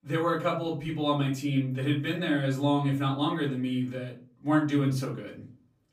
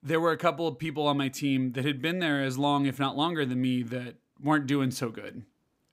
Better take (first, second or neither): second